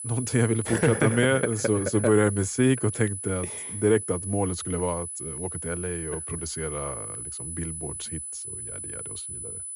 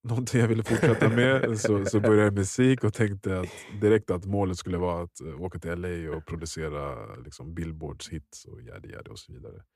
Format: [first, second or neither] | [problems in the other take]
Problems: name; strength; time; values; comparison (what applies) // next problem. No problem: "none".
second | high-pitched whine; loud; throughout; 10 kHz, 7 dB below the speech